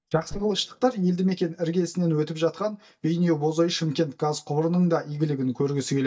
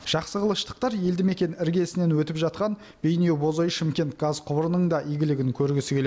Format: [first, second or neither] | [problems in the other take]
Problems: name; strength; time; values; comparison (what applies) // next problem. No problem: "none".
second | noise reduction (neural mask model DeepFilterNet 3)